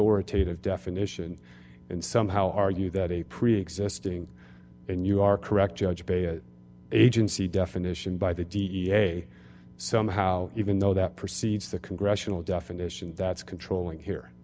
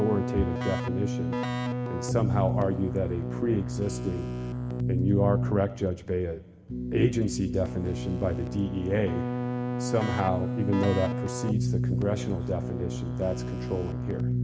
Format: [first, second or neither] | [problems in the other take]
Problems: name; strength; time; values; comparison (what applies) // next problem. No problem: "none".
first | background sound (Keyboard (musical)); 1 dB below the speech // room echo; dies away in 2.4 s